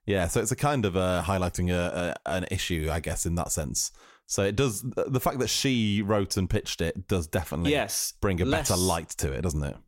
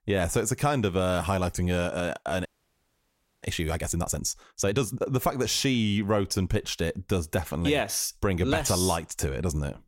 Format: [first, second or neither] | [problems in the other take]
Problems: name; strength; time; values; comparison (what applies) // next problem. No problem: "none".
first | audio freezing; at 2.5 s for 1 s